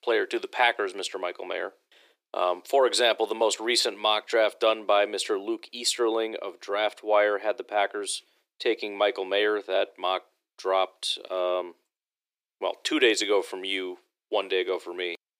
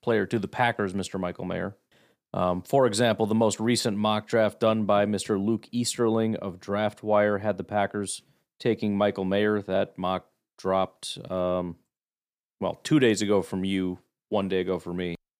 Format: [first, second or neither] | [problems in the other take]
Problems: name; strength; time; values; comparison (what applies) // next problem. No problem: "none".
second | thin; very; fading below 350 Hz